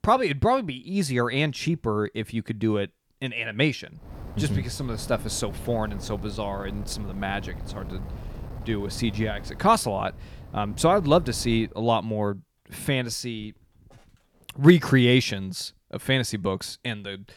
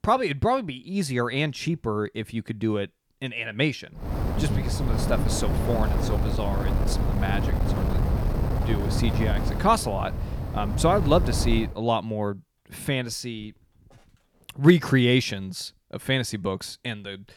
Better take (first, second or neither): first